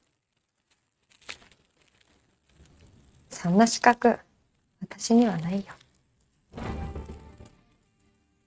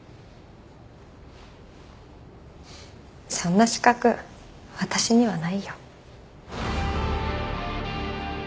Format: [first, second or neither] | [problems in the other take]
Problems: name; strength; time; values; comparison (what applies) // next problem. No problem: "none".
second | noise reduction (neural mask model RNNoise)